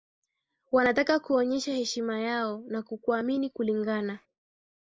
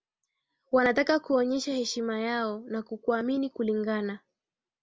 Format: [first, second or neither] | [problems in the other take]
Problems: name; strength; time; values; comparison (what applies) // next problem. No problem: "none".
second | noise reduction (neural mask model Resemble Enhance denoiser)